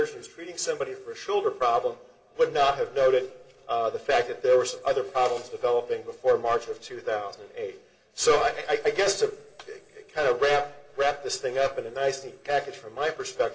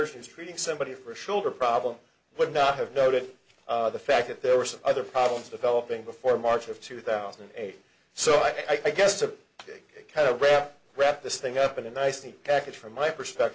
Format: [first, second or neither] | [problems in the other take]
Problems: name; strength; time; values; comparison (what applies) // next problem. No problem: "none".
second | room echo; dies away in 2.2 s